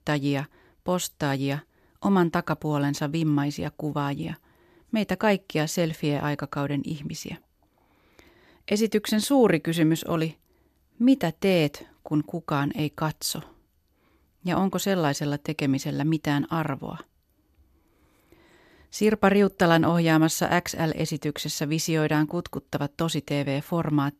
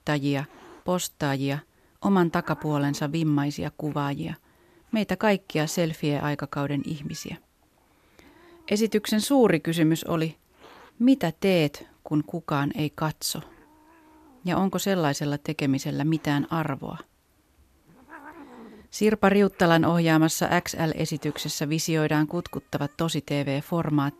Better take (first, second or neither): first